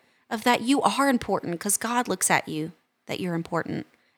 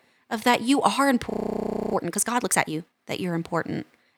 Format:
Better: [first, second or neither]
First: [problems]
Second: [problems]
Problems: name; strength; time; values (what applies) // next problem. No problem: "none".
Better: first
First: none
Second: audio freezing; at 1.5 s for 0.5 s